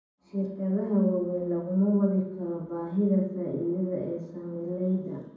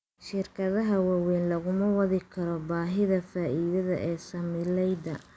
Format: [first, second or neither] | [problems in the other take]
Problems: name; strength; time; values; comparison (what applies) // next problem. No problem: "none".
second | room echo; dies away in 1.2 s